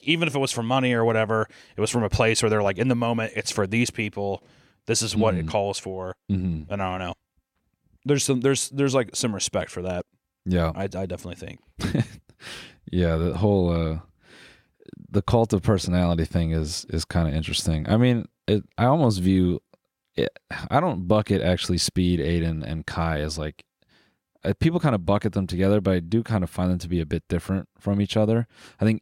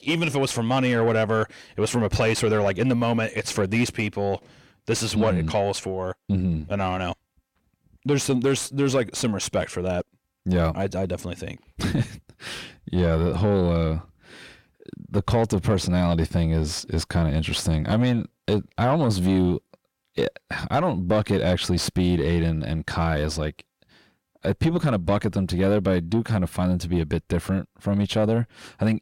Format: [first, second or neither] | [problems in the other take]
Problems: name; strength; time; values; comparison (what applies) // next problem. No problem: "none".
first | distortion; slight; 10 dB below the speech